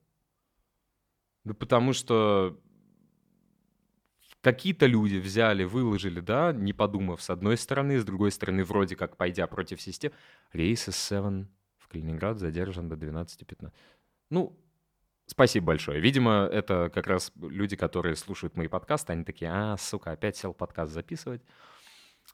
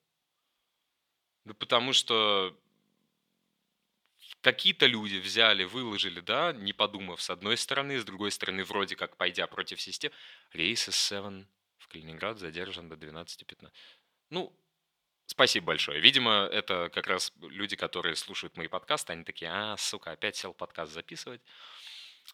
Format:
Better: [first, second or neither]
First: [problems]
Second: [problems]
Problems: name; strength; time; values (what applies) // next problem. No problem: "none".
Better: first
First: none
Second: thin; somewhat; fading below 650 Hz